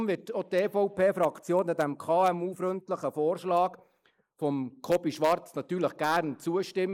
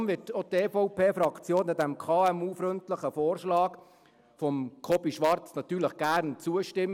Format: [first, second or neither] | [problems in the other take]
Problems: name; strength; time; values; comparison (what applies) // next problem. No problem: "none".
second | noise reduction (neural mask model Resemble Enhance denoiser)